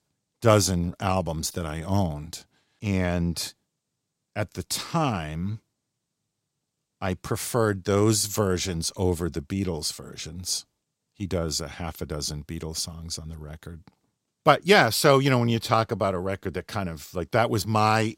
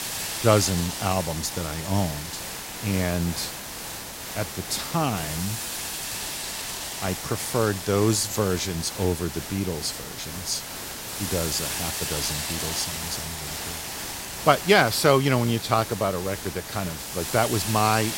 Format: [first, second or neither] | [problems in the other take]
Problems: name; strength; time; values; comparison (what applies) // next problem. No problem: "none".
first | hiss; loud; throughout; 5 dB below the speech